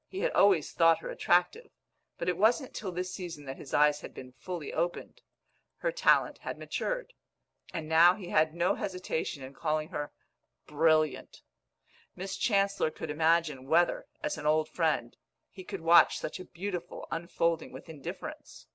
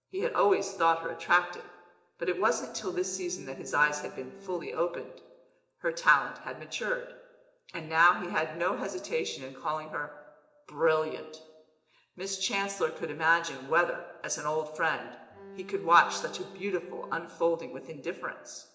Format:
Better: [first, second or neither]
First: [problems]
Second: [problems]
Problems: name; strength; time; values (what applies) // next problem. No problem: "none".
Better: first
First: none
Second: noise reduction (neural separator model SepFormer DNS4)